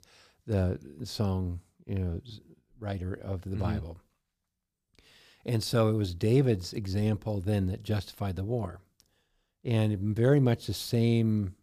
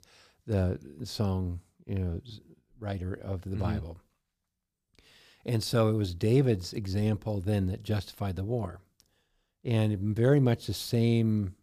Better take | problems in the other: neither | none

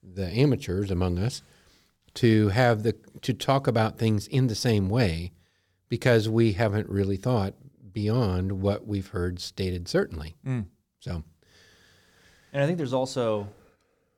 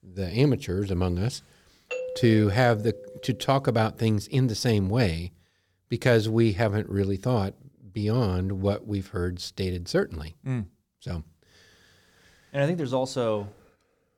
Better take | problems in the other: first | doorbell; noticeable; from 2 to 3.5 s; peak 7 dB below the speech

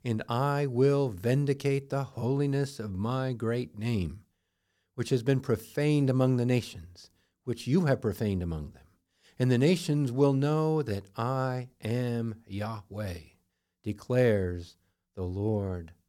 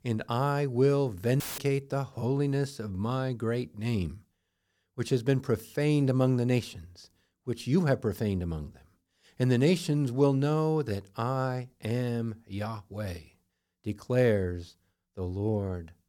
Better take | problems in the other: first | audio cutting out; filled with static; at 1.5 s

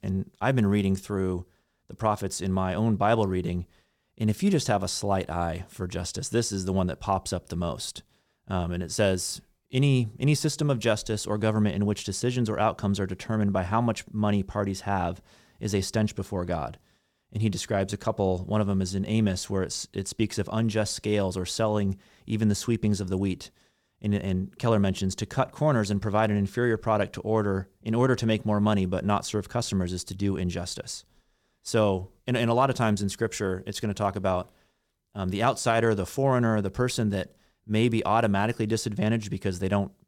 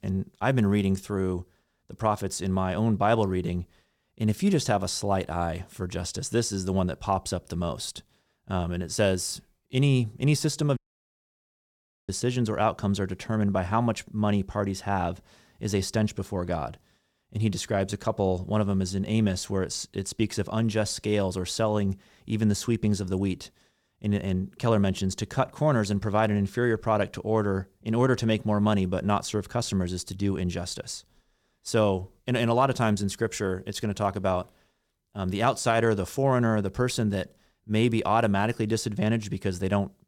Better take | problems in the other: first | audio cutting out; at 11 s for 1.5 s

